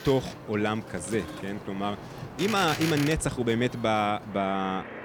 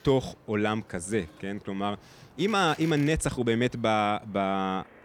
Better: second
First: train or aircraft noise; loud; throughout; 10 dB below the speech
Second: train or aircraft noise; faint; throughout; 25 dB below the speech

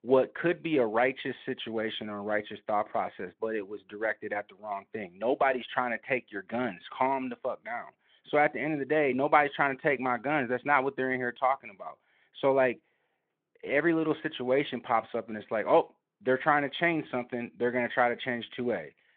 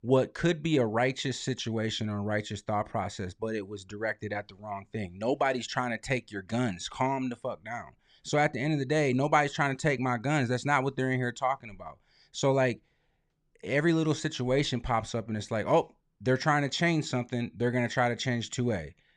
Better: second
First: phone-call audio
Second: none

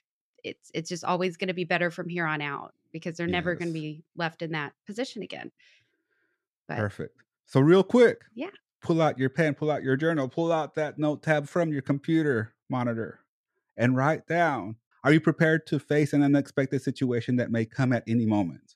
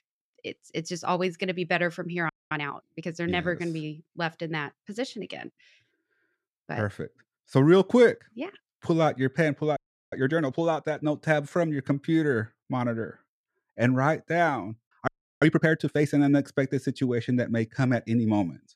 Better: first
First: none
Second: audio freezing; at 2.5 s, at 10 s and at 15 s

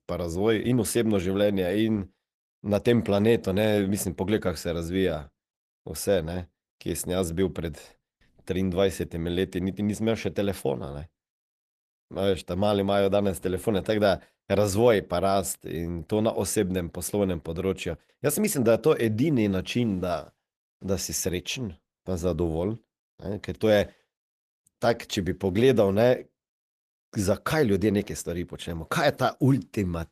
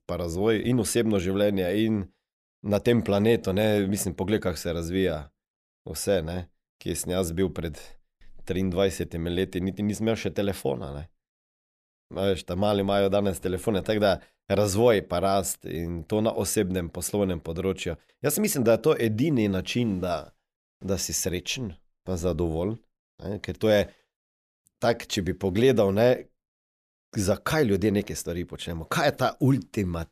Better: second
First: garbled, watery; slightly; nothing above 14 kHz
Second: none

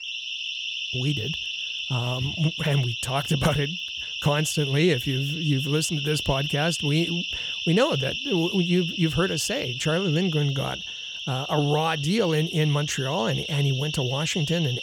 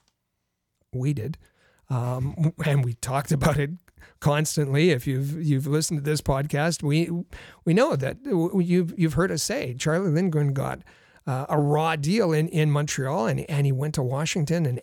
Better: second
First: alarms or sirens; loud; throughout; 4 dB below the speech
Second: none

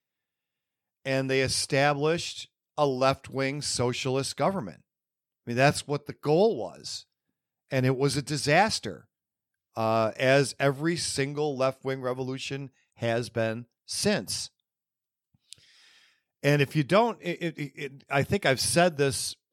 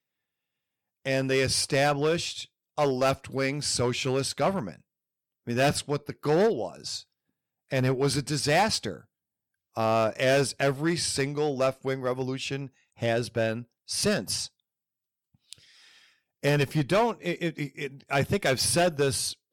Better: first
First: none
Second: distortion; slight; 5% of the sound clipped

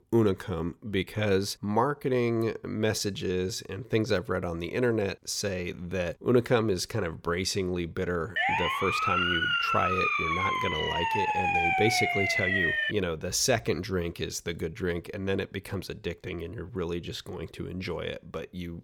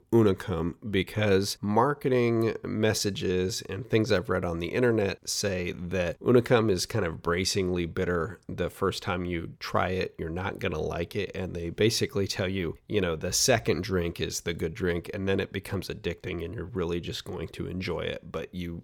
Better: second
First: siren; loud; from 8.5 to 13 s; peak 5 dB above the speech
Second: none

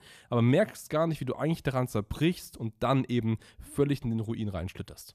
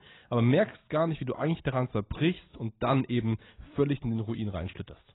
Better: first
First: none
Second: garbled, watery; badly; nothing above 4 kHz

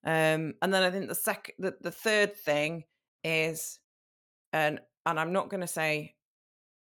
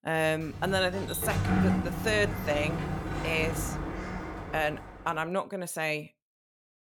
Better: first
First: none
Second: door banging; loud; from 0.5 to 5 s; peak 5 dB above the speech

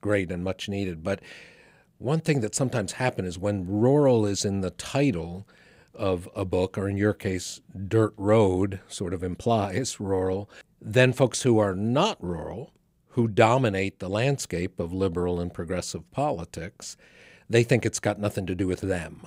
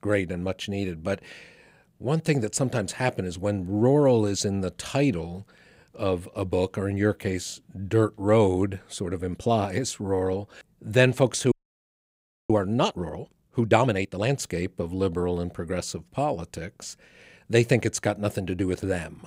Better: first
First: none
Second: audio freezing; at 12 s for 1 s

